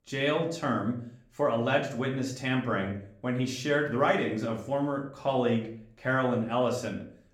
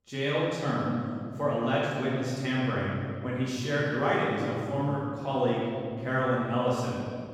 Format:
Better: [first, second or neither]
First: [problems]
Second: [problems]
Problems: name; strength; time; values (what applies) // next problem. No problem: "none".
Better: first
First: room echo; slight; dies away in 0.4 s // off-mic speech; somewhat distant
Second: room echo; strong; dies away in 2.2 s // off-mic speech; far